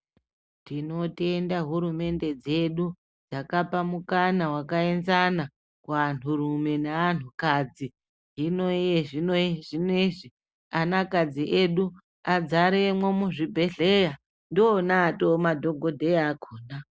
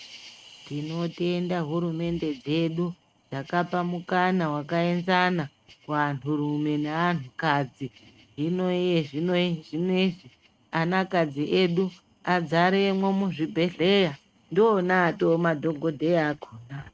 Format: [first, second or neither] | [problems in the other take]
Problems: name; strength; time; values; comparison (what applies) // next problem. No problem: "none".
first | noise reduction (neural mask model RNNoise)